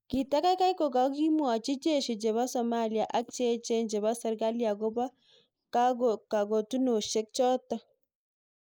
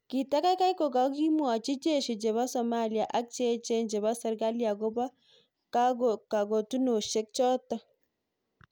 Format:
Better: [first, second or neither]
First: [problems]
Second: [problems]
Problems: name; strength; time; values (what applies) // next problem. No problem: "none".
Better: second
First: noise reduction (neural mask model Resemble Enhance denoiser)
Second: none